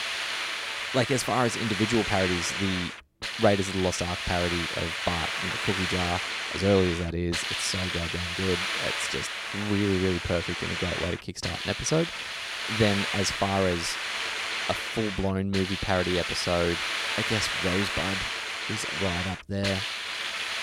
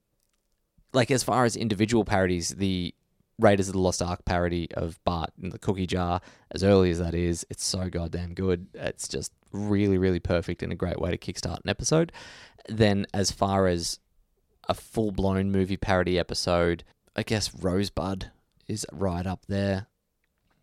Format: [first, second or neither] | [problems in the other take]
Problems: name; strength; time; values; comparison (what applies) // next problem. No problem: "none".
second | hiss; loud; throughout; 1 dB below the speech